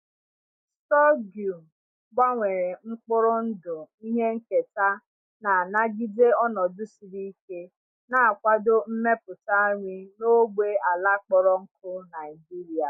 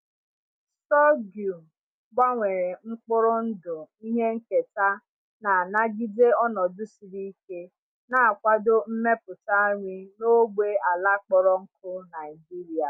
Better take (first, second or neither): second